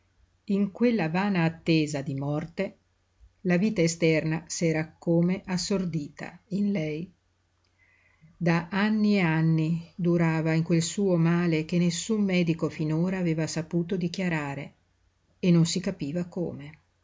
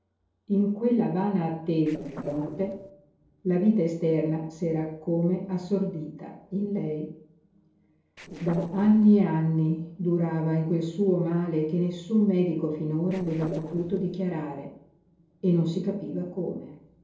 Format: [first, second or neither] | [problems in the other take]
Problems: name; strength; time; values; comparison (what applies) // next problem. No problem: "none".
first | noise reduction (neural separator model SepFormer DNS4)